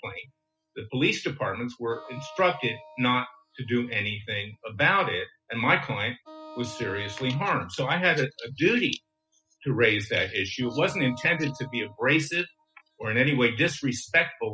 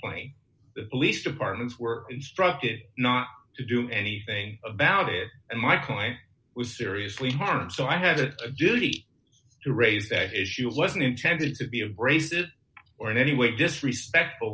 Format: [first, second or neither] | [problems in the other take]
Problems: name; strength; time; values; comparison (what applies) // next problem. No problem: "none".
second | noise reduction (classical method spectral subtraction)